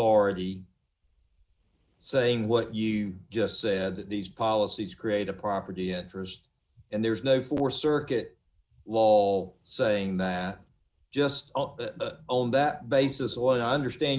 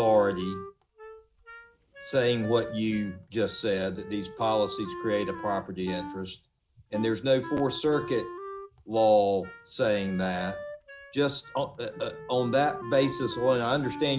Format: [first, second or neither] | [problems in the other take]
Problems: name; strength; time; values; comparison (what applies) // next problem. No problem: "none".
first | background sound (Wind instrument, woodwind instrument); 13 dB below the speech